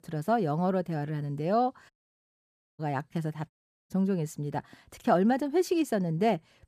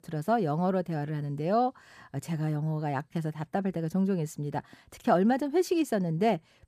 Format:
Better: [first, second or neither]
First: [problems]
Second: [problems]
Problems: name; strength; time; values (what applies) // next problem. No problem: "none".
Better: second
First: audio cutting out; at 2 s for 1 s and at 3.5 s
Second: none